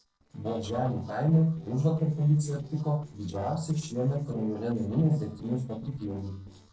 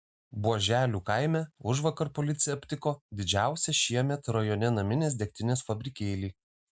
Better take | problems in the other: second | noise reduction (neural separator model SepFormer DNS4)

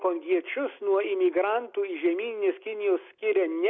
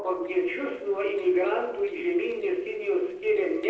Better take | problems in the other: first | noise reduction (neural separator model SepFormer DNS4)

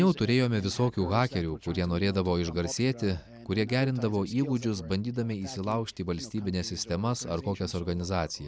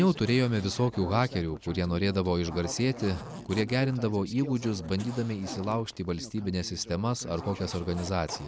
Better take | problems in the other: first | background sound (Zipper (clothing)); 18 dB below the speech

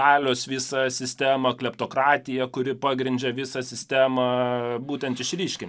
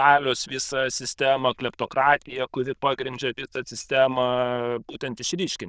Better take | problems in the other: first | noise reduction (neural diffusion model UNIVERSE++)

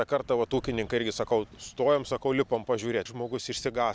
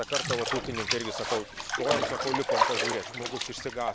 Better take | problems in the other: first | background sound (Bathtub (filling or washing)); 2 dB above the speech

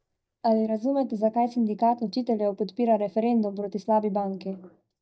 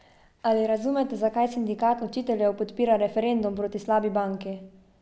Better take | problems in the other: second | noise reduction (neural mask model DeepFilterNet 3)

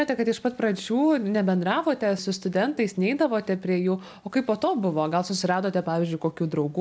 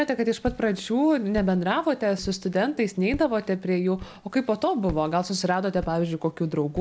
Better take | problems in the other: first | background sound (Walk, footsteps); 18 dB below the speech

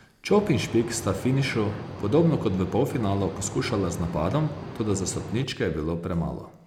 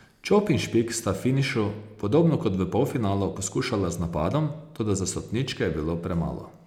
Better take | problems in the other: second | background sound (Boat, Water vehicle); 11 dB below the speech

